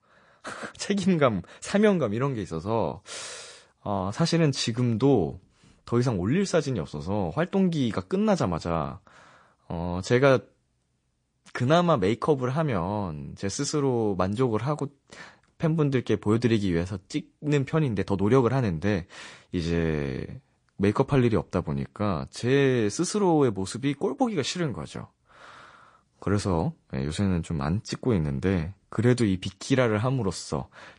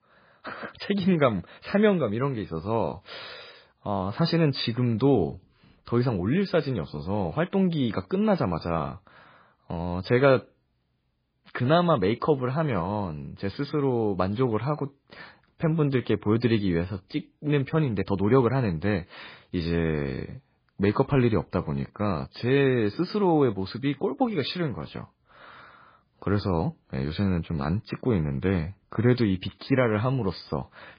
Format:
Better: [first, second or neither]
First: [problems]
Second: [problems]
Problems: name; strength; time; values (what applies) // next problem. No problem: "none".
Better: first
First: garbled, watery; slightly; nothing above 8 kHz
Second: garbled, watery; badly; nothing above 5 kHz